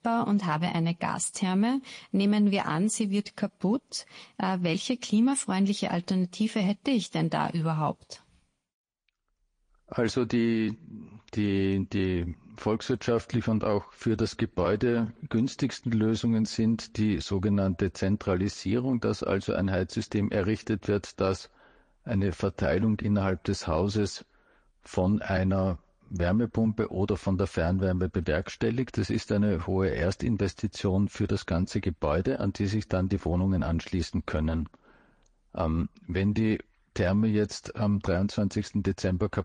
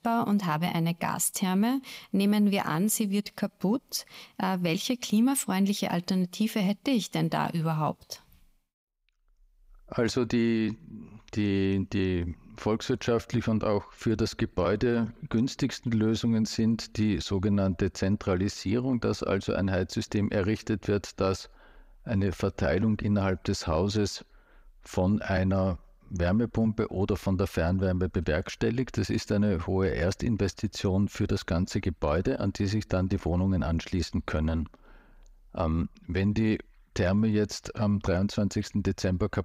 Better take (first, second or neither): second